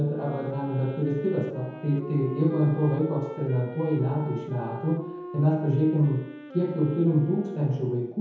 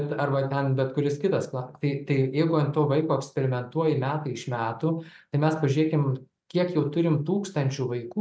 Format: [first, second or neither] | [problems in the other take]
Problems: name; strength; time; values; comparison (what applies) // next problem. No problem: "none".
second | background sound (Wind instrument, woodwind instrument); 15 dB below the speech // room echo; dies away in 1 s